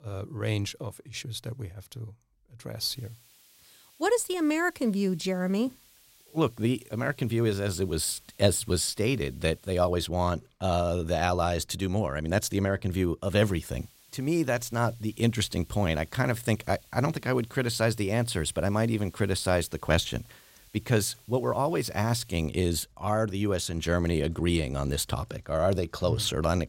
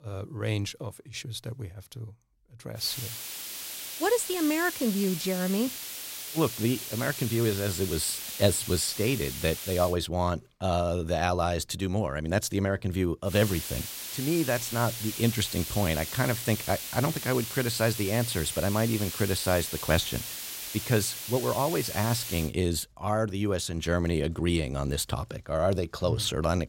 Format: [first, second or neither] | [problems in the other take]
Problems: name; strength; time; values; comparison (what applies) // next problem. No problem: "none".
first | hiss; loud; from 3 to 10 s and from 13 to 22 s; 6 dB below the speech; faint in the first